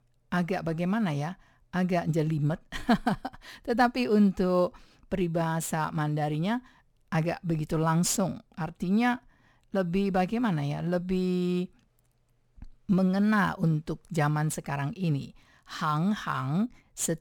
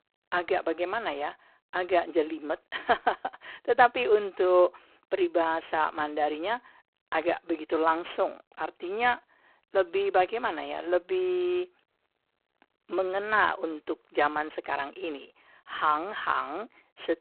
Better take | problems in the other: first | phone-call audio; poor line; nothing above 3.5 kHz

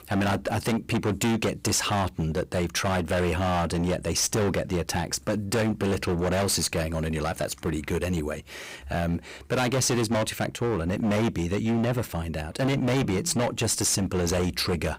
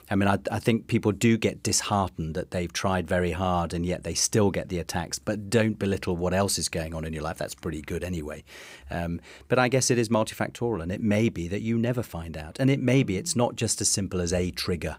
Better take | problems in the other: second | distortion; heavy; 23% of the sound clipped

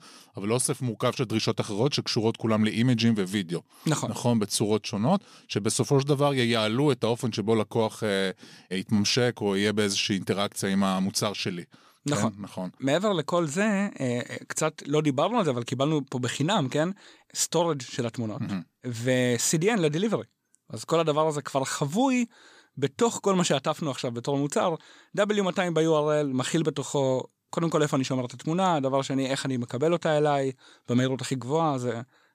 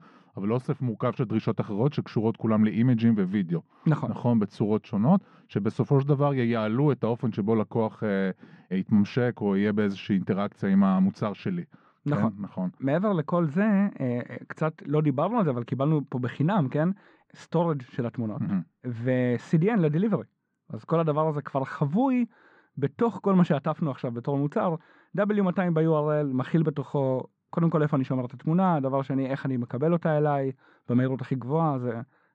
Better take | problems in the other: first | muffled; very; fading above 1.5 kHz

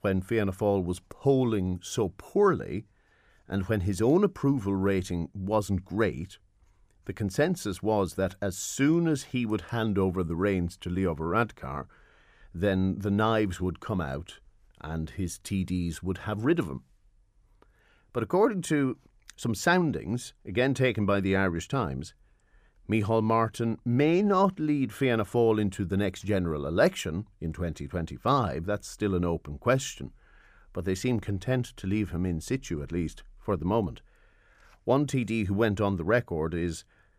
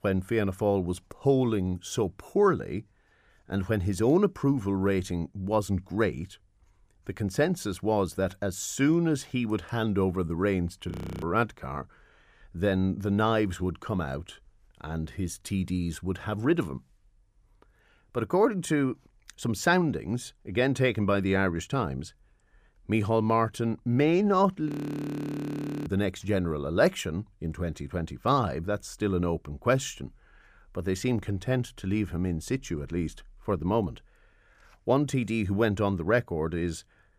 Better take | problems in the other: first | audio freezing; at 11 s and at 25 s for 1 s

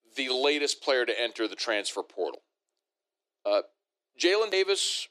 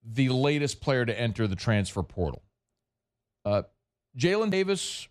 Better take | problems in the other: second | thin; very; fading below 300 Hz

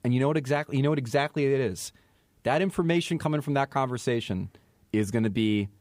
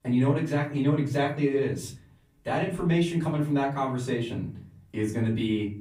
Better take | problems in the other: first | off-mic speech; far // room echo; slight; dies away in 0.5 s

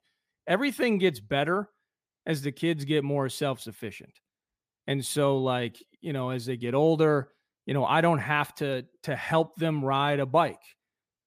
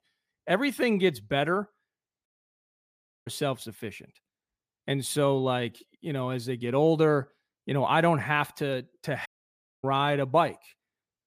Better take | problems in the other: first | audio cutting out; at 2.5 s for 1 s and at 9.5 s for 0.5 s

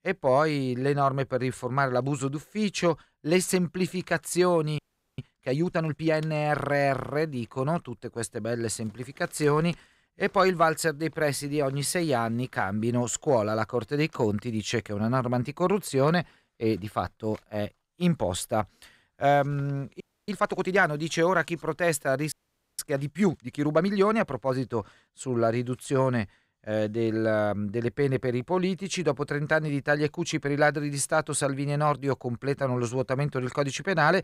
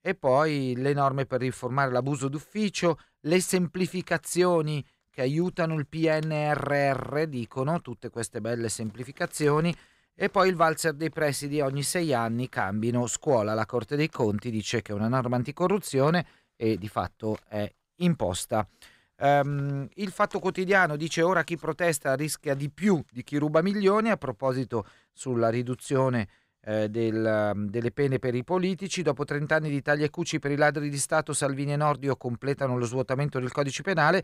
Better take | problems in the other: second | audio freezing; at 5 s, at 20 s and at 22 s

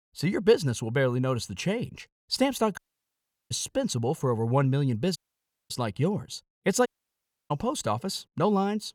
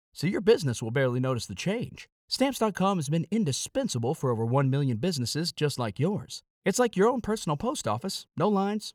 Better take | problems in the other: second | audio cutting out; at 3 s for 0.5 s, at 5 s for 0.5 s and at 7 s for 0.5 s

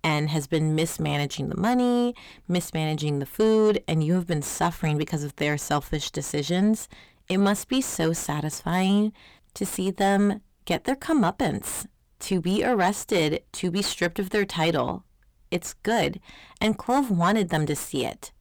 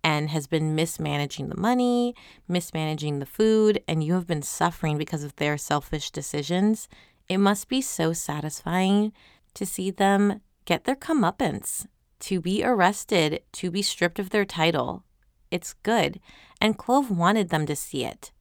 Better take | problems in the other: second | distortion; slight; 10 dB below the speech

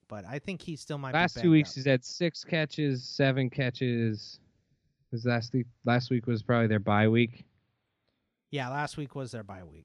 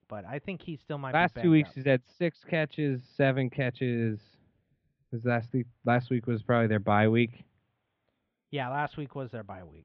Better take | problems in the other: first | muffled; very; fading above 3.5 kHz

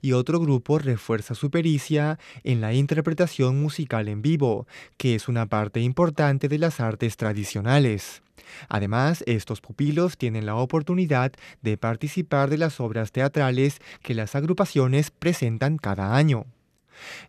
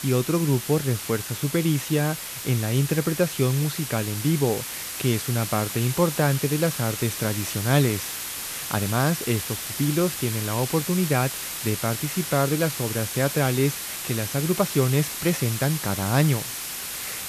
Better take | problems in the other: first | hiss; loud; throughout; 5 dB below the speech

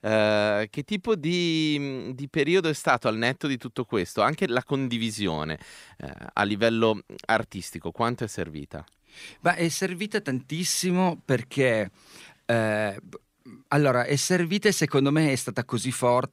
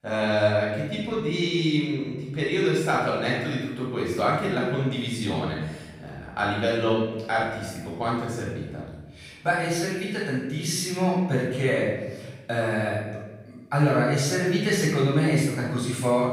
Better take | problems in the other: first | room echo; strong; dies away in 1.1 s // off-mic speech; far

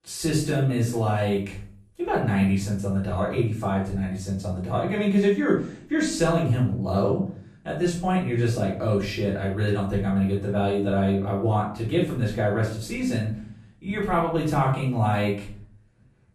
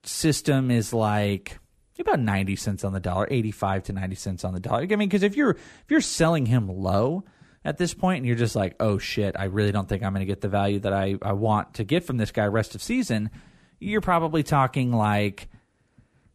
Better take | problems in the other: second | off-mic speech; far // room echo; noticeable; dies away in 0.4 s

